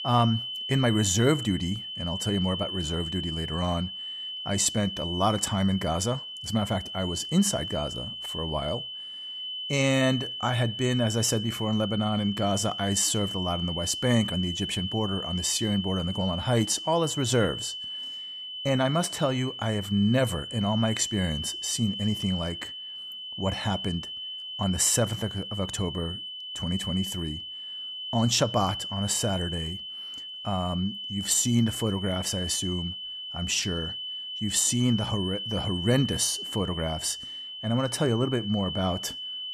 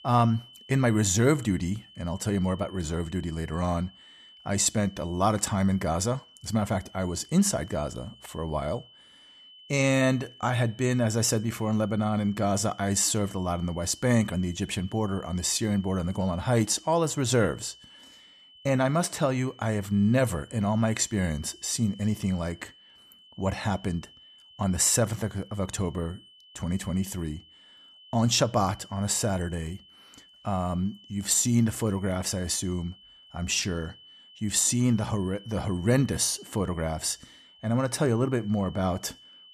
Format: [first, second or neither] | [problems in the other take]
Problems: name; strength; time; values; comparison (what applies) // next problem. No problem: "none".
second | high-pitched whine; loud; throughout; 3 kHz, 6 dB below the speech; faint in the second